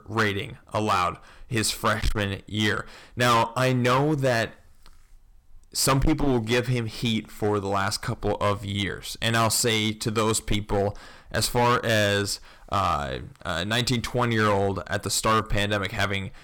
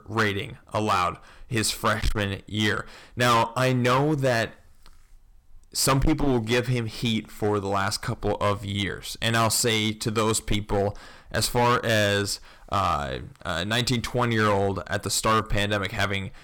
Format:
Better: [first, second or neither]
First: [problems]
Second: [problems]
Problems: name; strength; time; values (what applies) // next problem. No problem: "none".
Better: neither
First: distortion; heavy; 8% of the sound clipped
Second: distortion; heavy; 8% of the sound clipped